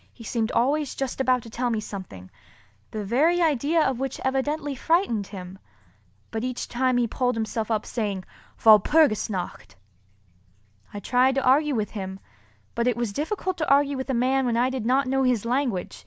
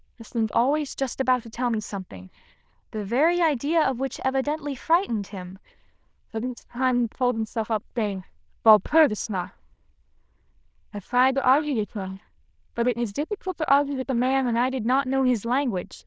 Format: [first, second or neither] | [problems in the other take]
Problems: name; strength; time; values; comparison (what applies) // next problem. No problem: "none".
first | noise reduction (neural diffusion model UNIVERSE++)